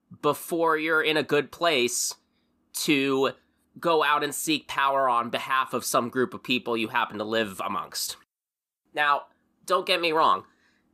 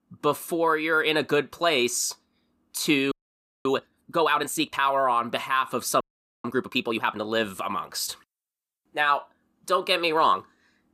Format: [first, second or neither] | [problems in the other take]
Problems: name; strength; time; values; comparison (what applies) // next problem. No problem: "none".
first | audio freezing; at 3 s for 0.5 s and at 6 s